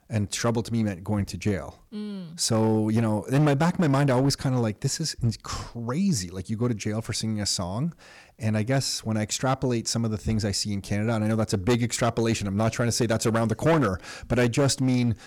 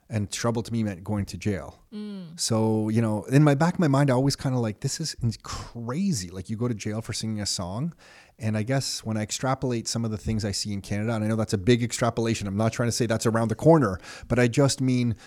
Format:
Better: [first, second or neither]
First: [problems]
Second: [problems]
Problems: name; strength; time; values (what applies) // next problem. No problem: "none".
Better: second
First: distortion; slight; 6% of the sound clipped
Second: none